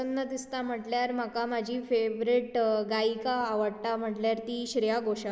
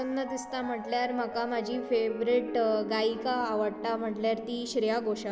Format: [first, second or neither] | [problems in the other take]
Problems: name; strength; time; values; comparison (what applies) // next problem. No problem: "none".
first | background sound (Piano); 11 dB below the speech